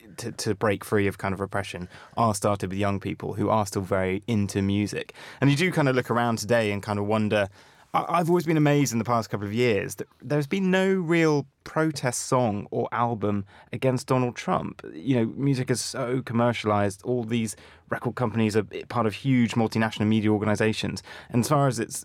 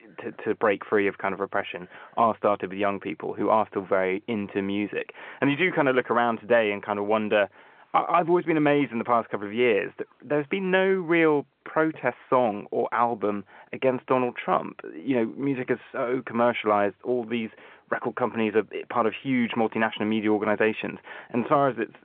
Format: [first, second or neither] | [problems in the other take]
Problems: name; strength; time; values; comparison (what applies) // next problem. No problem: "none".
first | phone-call audio